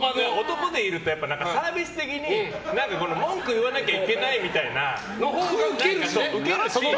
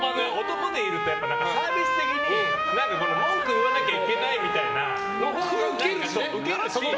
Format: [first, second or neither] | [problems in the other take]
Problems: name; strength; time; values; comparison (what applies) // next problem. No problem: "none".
first | background sound (Trumpet); as loud as the speech